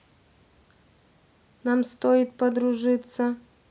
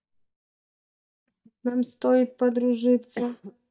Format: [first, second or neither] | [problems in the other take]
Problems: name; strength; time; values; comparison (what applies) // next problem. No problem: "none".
first | noise reduction (neural mask model DeepFilterNet 3)